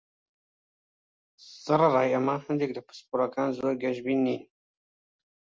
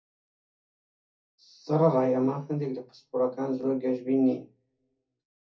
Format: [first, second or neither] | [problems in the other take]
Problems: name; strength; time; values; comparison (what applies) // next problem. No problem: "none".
first | room echo; dies away in 0.3 s